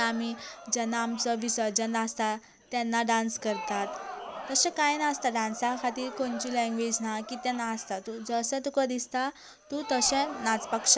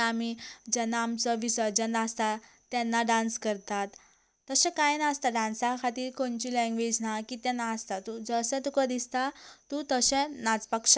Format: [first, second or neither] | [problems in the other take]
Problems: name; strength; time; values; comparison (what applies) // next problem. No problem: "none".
second | background sound (Crowd); 13 dB below the speech